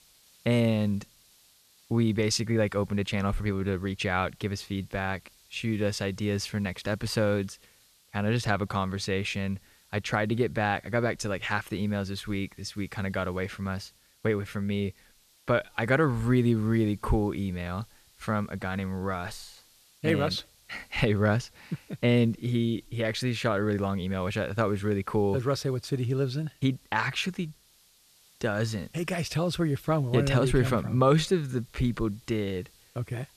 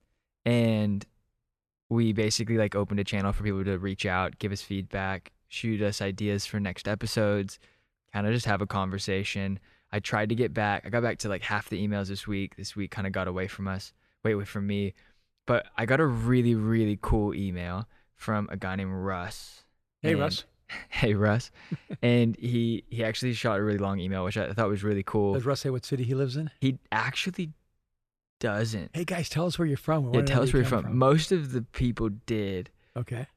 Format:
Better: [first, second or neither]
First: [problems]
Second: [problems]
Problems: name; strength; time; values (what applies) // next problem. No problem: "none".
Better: second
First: hiss; faint; throughout; 30 dB below the speech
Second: none